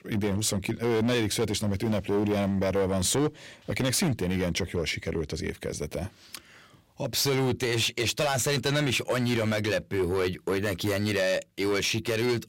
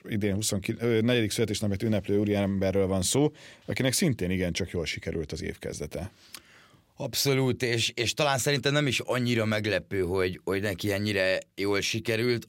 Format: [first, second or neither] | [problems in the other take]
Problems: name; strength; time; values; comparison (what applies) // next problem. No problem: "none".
second | distortion; slight; 11% of the sound clipped